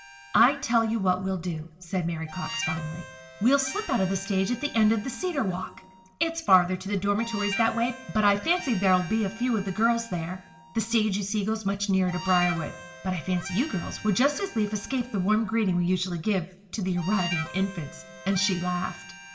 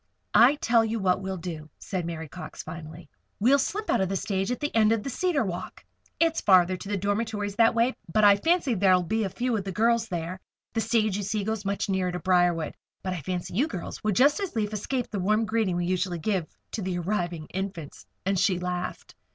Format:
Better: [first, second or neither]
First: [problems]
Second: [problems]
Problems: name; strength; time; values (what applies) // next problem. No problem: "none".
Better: second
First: background sound (Harmonica); 14 dB below the speech // room echo; dies away in 0.8 s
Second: none